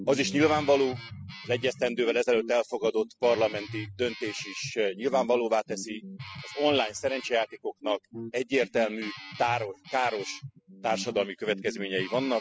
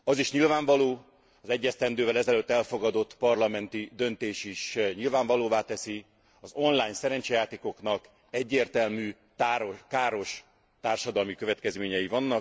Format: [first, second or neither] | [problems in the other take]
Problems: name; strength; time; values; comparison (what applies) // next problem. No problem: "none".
second | noise reduction (classical method spectral subtraction)